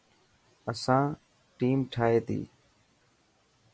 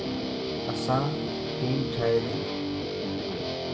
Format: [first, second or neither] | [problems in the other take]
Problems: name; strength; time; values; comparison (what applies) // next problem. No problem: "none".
first | background sound (Guitar); 2 dB above the speech // room echo; dies away in 0.8 s